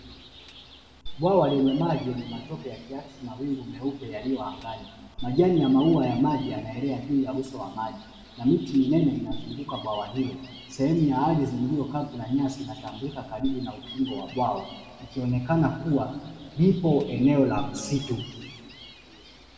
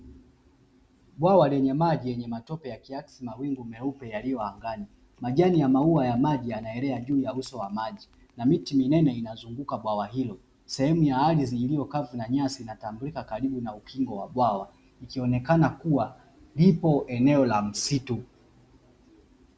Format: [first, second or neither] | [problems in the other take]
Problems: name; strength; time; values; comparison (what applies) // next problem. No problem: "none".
second | background sound (Gull, seagull); 17 dB below the speech // room echo; dies away in 1.7 s